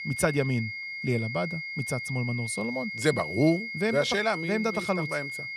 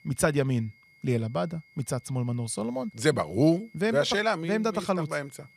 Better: second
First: high-pitched whine; loud; throughout; 2 kHz, 5 dB below the speech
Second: high-pitched whine; faint; throughout; 2 kHz, 30 dB below the speech

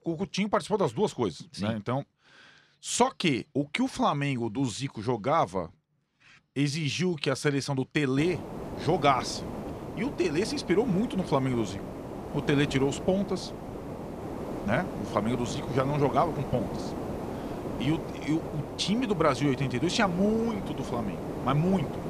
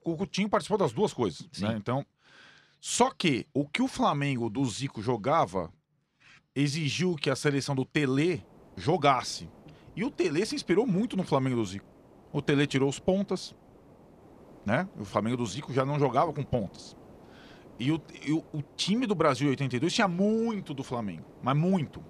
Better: second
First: hiss; loud; from 8 s on; 8 dB below the speech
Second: hiss; faint; from 8 s on; 25 dB below the speech

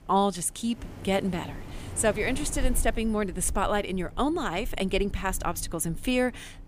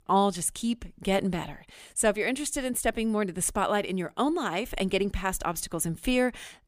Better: second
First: wind noise on the microphone; occasional gusts; 20 dB below the speech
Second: none

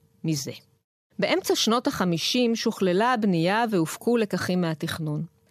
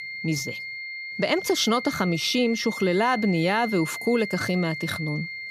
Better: first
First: none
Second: high-pitched whine; loud; throughout; 2 kHz, 8 dB below the speech

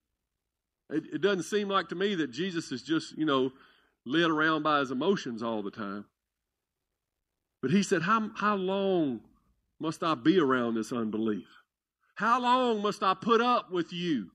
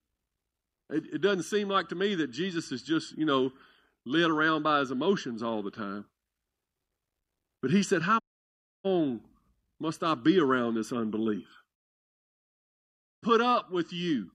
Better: first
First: none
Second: audio cutting out; at 8 s for 0.5 s and at 12 s for 1.5 s

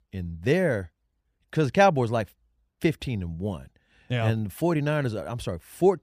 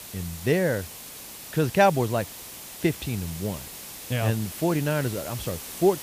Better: first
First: none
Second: hiss; noticeable; throughout; 10 dB below the speech

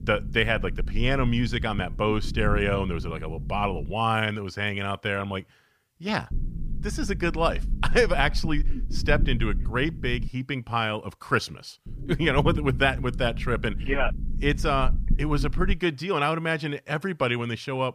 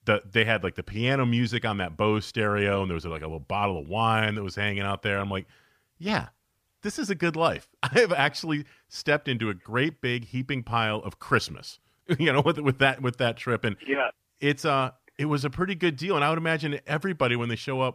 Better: second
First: low rumble; noticeable; until 4 s, from 6.5 to 10 s and from 12 to 16 s; 20 dB below the speech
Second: none

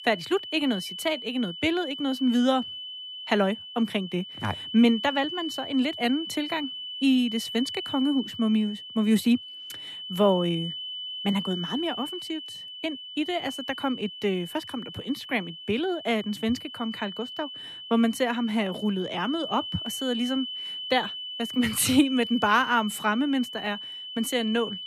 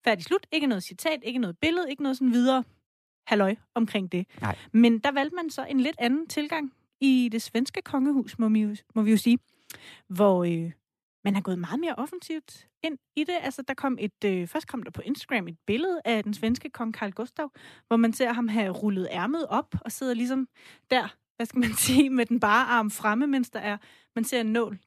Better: second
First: high-pitched whine; loud; throughout; 3 kHz, 8 dB below the speech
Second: none

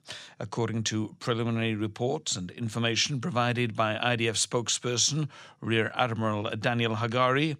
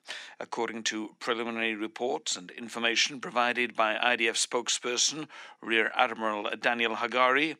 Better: first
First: none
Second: thin; somewhat; fading below 250 Hz

